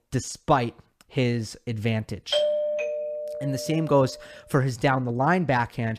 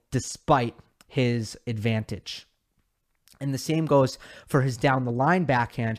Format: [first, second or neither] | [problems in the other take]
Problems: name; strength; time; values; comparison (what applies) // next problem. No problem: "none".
second | doorbell; loud; from 2.5 to 4 s; peak 2 dB above the speech